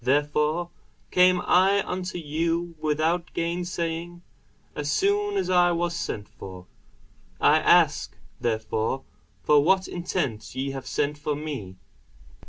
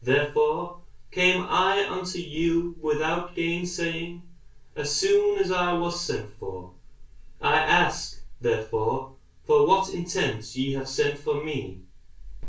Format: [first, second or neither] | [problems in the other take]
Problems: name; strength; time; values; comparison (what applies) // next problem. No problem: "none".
first | room echo; dies away in 0.3 s